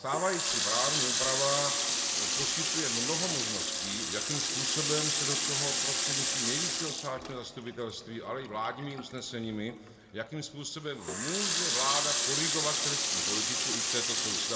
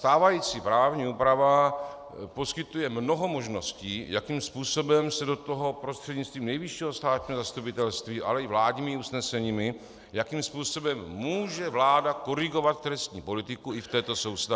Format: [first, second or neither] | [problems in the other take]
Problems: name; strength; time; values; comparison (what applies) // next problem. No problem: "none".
second | background sound (Water tap, faucet); 5 dB above the speech // room echo; dies away in 1 s